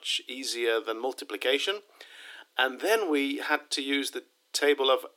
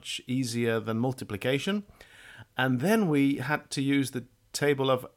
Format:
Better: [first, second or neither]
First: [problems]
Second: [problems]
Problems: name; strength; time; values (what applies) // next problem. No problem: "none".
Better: second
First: thin; somewhat; fading below 300 Hz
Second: none